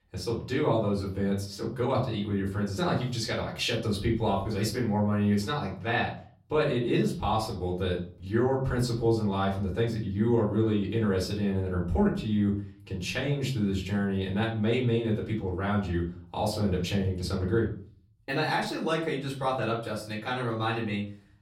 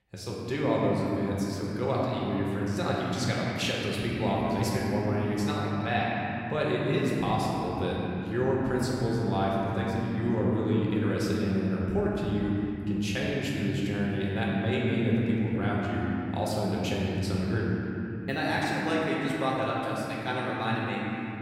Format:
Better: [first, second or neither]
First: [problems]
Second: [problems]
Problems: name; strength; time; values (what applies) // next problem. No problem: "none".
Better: first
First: room echo; slight; dies away in 0.4 s // off-mic speech; far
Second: room echo; strong; dies away in 3 s // off-mic speech; far